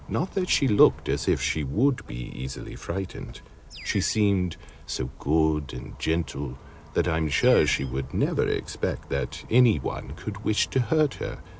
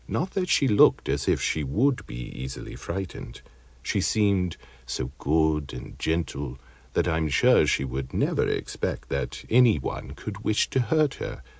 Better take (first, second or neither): second